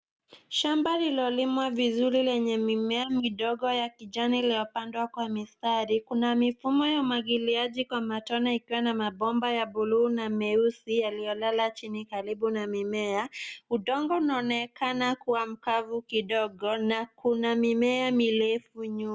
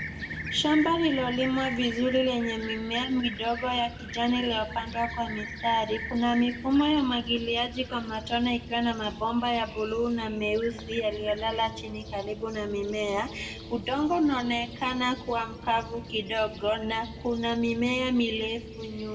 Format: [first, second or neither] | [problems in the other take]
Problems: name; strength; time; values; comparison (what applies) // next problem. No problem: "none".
first | background sound (Fixed-wing aircraft, airplane); 11 dB below the speech // room echo; dies away in 1.3 s